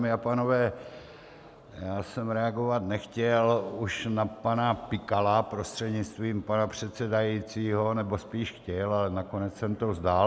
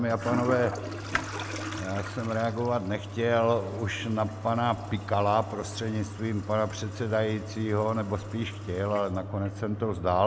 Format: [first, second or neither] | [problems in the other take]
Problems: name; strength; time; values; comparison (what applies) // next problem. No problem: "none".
first | background sound (Toilet flush); 8 dB below the speech